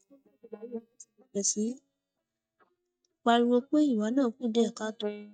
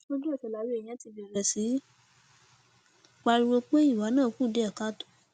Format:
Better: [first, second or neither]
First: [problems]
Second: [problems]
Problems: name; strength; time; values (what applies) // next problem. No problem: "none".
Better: second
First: noise reduction (neural mask model DeepFilterNet 3)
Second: none